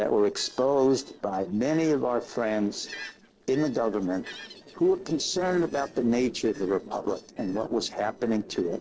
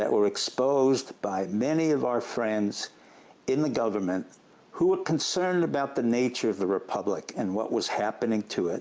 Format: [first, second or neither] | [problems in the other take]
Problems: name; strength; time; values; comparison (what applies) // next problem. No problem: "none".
second | noise reduction (neural separator model SepFormer DNS4)